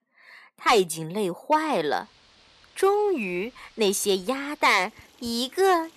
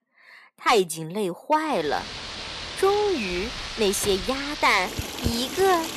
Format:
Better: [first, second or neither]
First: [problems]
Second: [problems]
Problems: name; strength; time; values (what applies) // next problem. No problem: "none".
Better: first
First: rain or running water; faint; from 2 s on; 30 dB below the speech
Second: rain or running water; loud; from 2 s on; 8 dB below the speech